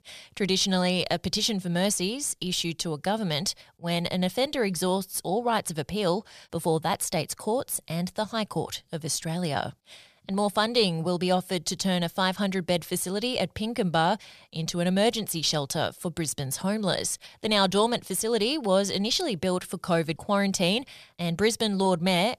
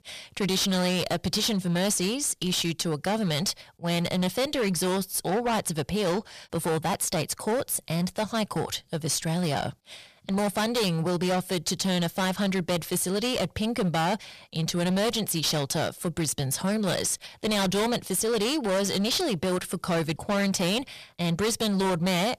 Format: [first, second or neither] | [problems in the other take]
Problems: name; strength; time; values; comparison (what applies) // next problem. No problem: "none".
first | distortion; heavy; 22% of the sound clipped